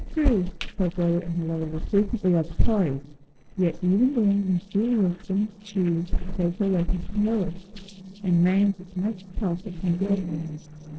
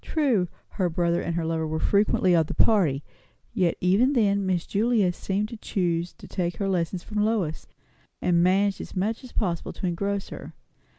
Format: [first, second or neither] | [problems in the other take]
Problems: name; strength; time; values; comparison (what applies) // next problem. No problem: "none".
second | noise reduction (neural separator model SepFormer DNS4)